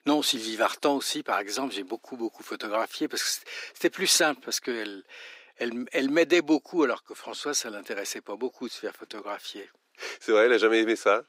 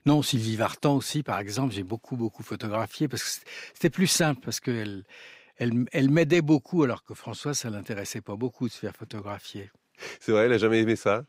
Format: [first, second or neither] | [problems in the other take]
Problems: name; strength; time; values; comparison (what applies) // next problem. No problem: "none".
second | thin; somewhat; fading below 300 Hz